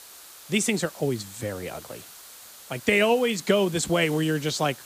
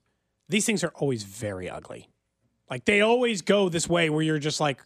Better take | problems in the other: second | hiss; noticeable; throughout; 20 dB below the speech

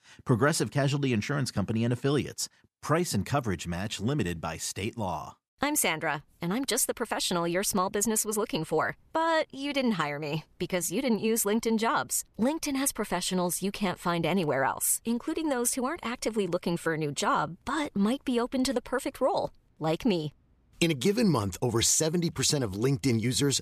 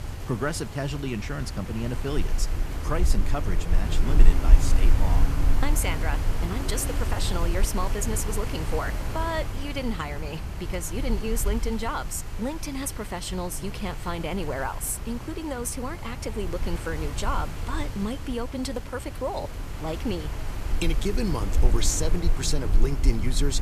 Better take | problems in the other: first | wind noise on the microphone; heavy; 7 dB below the speech

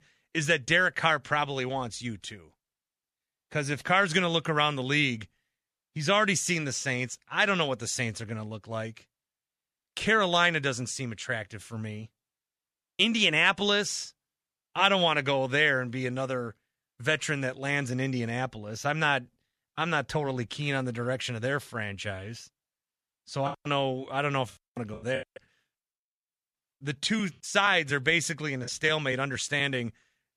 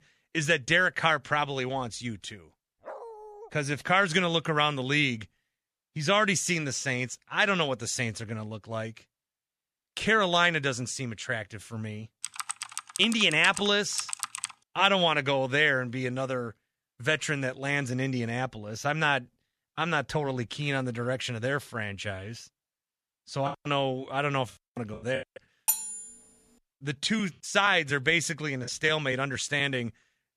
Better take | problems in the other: first | dog barking; faint; at 3 s; peak 15 dB below the speech // keyboard typing; noticeable; from 12 to 15 s; peak 5 dB below the speech // clattering dishes; loud; at 26 s; peak level with the speech

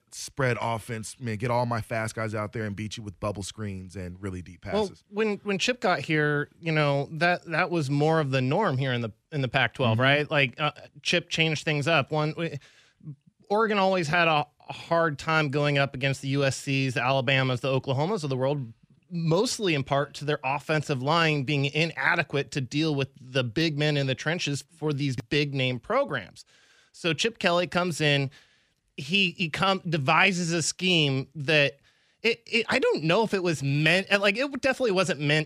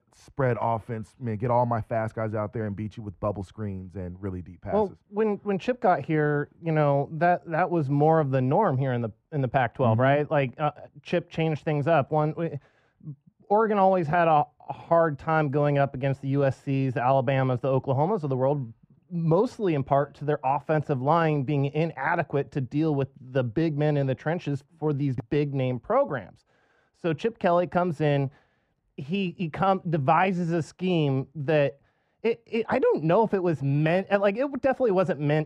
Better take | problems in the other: first | muffled; very; fading above 2 kHz

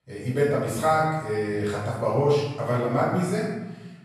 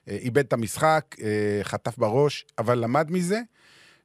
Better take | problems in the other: second | off-mic speech; far // room echo; strong; dies away in 1.1 s

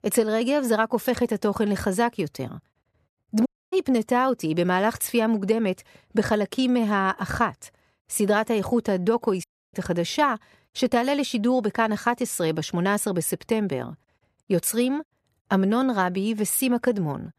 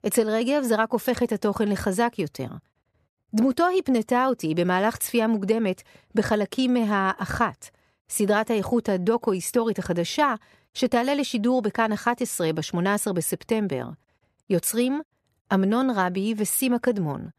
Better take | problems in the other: second | audio cutting out; at 3.5 s and at 9.5 s

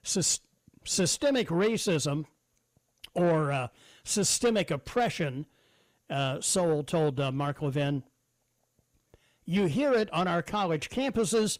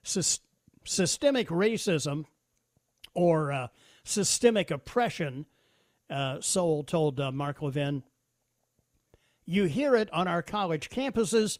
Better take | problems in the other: second | distortion; slight; 10 dB below the speech

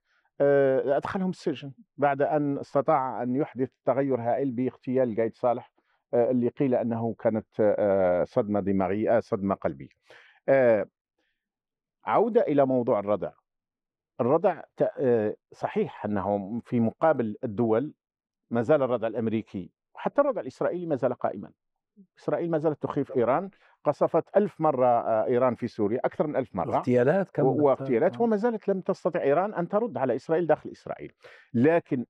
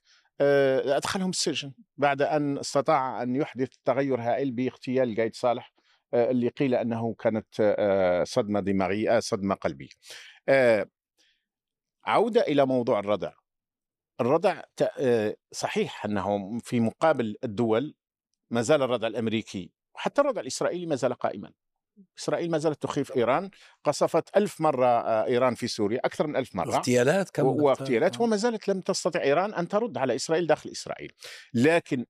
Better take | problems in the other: second | muffled; very; fading above 3 kHz

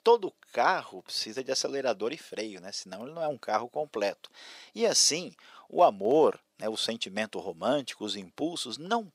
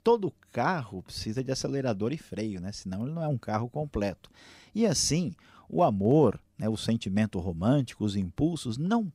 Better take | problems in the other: second | thin; somewhat; fading below 550 Hz

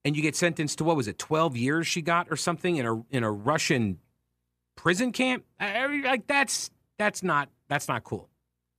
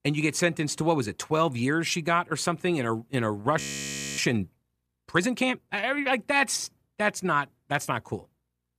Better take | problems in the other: first | audio freezing; at 3.5 s for 0.5 s

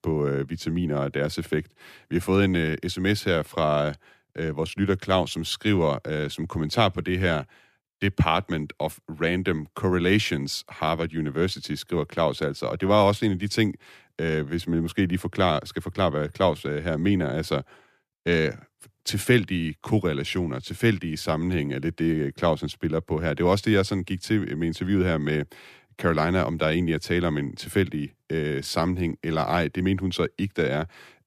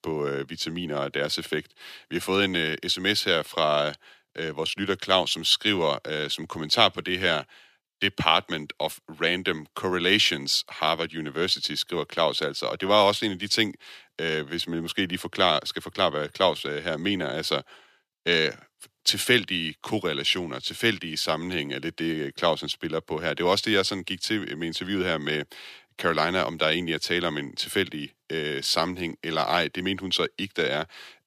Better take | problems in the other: first | thin; somewhat; fading below 550 Hz

